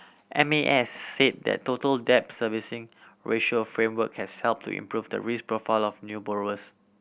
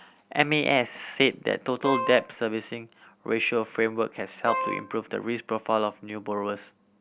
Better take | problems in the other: first | background sound (Wind instrument, woodwind instrument); 4 dB below the speech

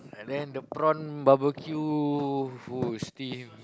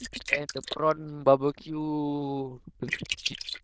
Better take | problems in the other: first | noise reduction (neural diffusion model UNIVERSE++)

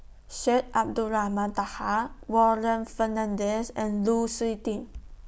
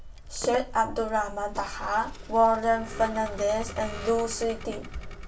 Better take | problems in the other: first | background sound (Vehicle); 15 dB below the speech // room echo; dies away in 0.2 s

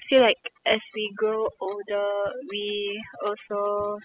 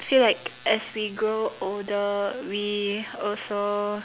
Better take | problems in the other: second | noise reduction (classical method spectral subtraction)

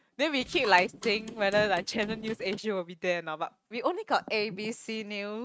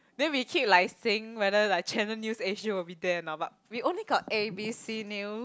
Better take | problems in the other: second | noise reduction (neural mask model RNNoise)

